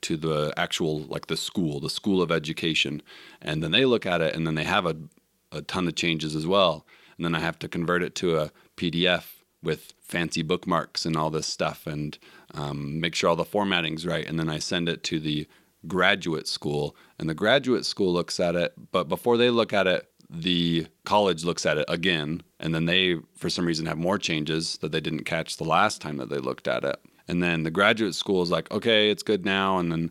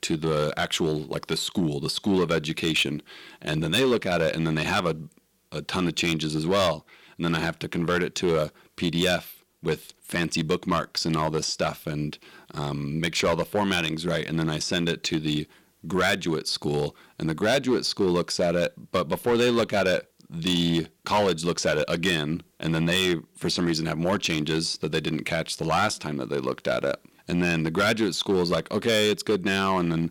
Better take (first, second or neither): first